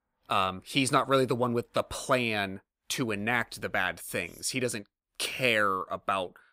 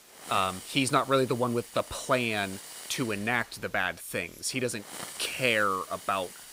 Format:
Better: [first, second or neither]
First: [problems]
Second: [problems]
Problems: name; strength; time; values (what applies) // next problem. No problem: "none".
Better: first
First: none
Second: hiss; noticeable; throughout; 15 dB below the speech